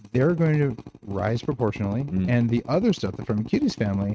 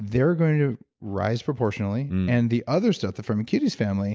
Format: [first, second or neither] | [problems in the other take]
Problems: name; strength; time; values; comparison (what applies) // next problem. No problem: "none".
second | noise reduction (neural mask model RNNoise)